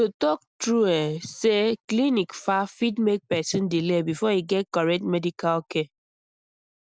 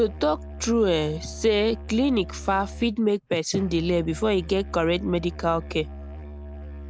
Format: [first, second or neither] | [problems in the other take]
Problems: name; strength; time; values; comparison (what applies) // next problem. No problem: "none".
first | background sound (Musical instrument); 13 dB below the speech